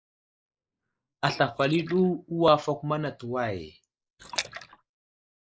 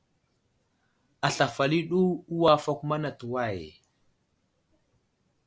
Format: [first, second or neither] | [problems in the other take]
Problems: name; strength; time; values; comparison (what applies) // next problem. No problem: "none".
second | noise reduction (neural mask model Resemble Enhance denoiser)